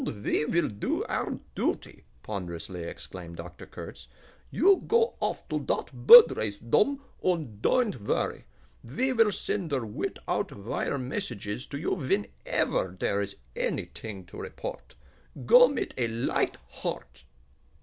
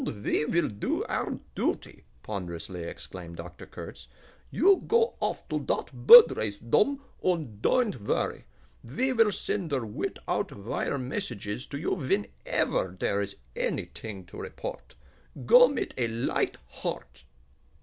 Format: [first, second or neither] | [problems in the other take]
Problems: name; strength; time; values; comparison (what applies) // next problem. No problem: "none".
second | background sound (Bark); 16 dB below the speech